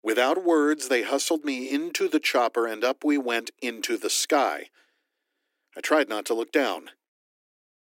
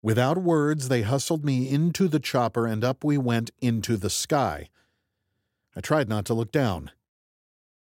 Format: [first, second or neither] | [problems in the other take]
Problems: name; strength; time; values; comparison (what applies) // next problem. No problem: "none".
second | thin; somewhat; fading below 300 Hz